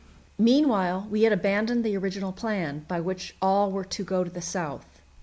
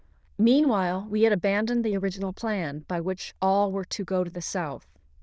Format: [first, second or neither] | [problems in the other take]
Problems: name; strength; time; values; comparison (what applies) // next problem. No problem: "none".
first | noise reduction (neural diffusion model UNIVERSE++)